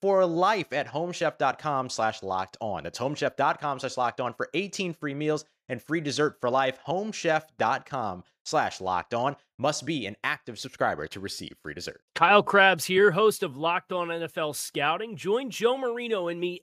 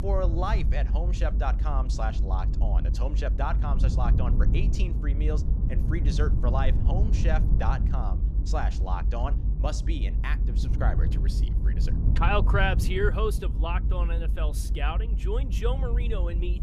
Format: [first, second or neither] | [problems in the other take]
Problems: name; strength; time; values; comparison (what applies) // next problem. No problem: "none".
first | low rumble; loud; throughout; 10 dB below the speech